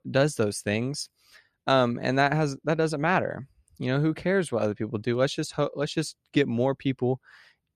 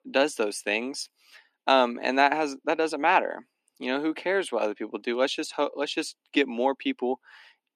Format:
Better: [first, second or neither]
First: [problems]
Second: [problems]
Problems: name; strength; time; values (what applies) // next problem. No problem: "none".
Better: first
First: none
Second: thin; very slightly; fading below 250 Hz